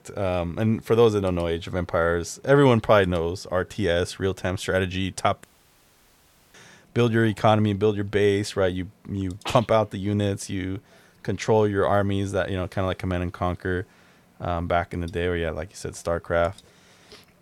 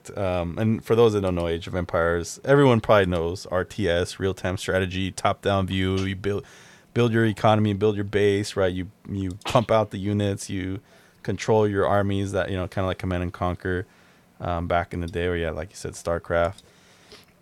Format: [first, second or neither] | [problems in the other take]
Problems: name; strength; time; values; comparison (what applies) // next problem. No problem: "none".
second | audio cutting out; at 5.5 s for 1 s